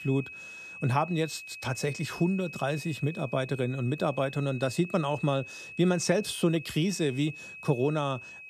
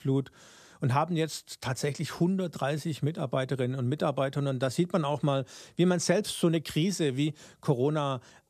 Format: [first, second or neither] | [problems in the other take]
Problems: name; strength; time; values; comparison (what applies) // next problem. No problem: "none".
second | high-pitched whine; noticeable; throughout; 2.5 kHz, 10 dB below the speech